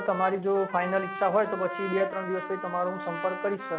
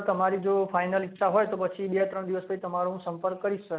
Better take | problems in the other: second | background sound (Trumpet); 9 dB below the speech

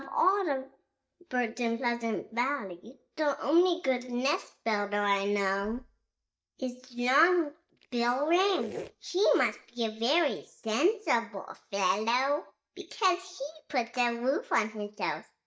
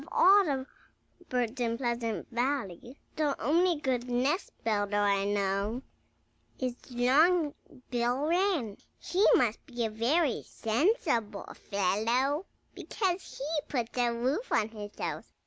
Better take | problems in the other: second | noise reduction (neural mask model DeepFilterNet 3)

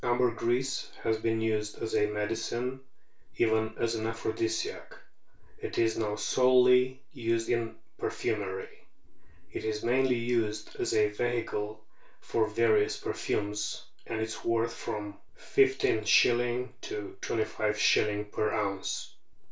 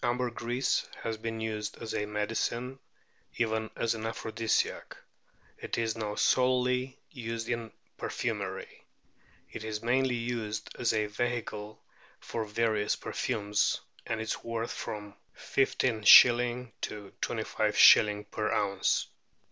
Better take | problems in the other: second | room echo; dies away in 0.3 s

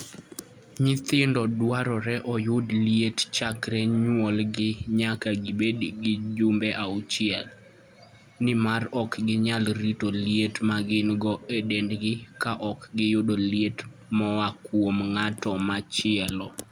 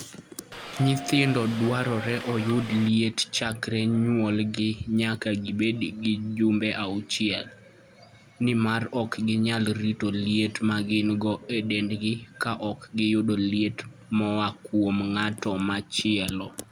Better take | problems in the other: first | background sound (Subway, metro, underground / Doorbell); 11 dB below the speech

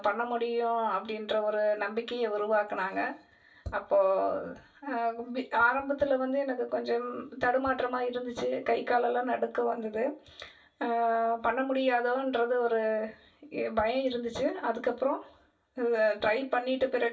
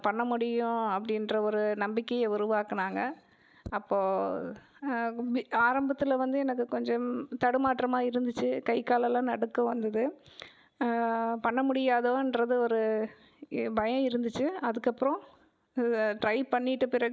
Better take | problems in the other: second | room echo; dies away in 0.2 s

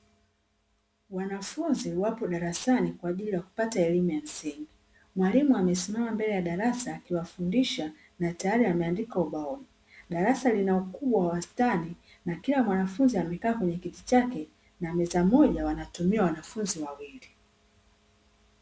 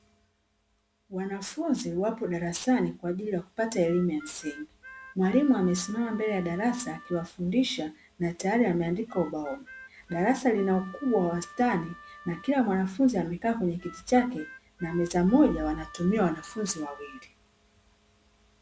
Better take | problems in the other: first | background sound (Harmonica); 19 dB below the speech

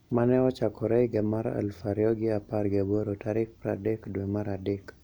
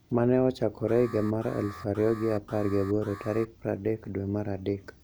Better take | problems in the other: first | background sound (Alarm); 18 dB below the speech

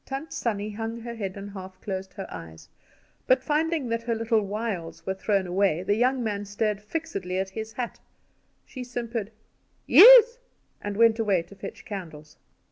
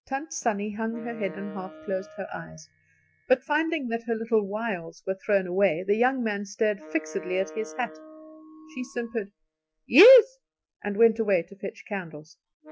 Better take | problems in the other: first | noise reduction (classical method Wiener filter)

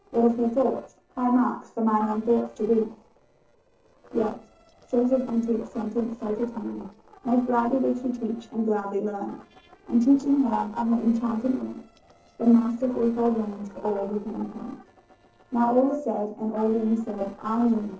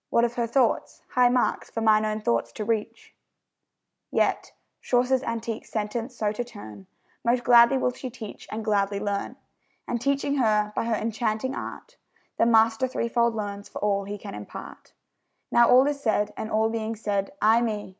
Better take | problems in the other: second | noise reduction (neural separator model SepFormer DNS4)

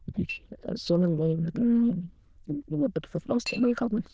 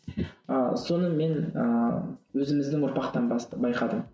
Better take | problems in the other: second | noise reduction (neural diffusion model UNIVERSE++)

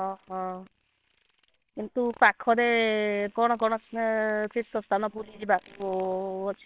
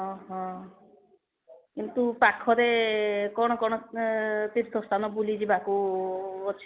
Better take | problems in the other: second | noise reduction (neural separator model SepFormer WHAMR!)

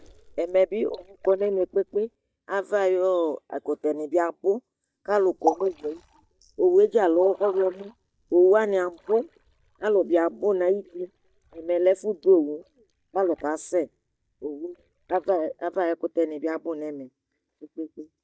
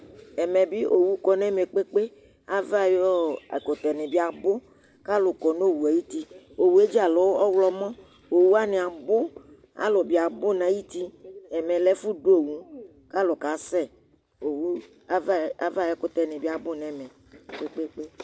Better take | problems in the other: second | noise reduction (neural mask model DeepFilterNet 3)

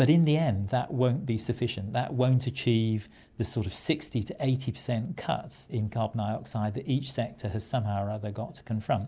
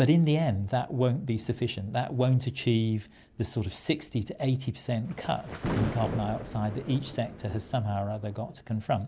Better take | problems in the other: first | background sound (Thunder); 9 dB below the speech

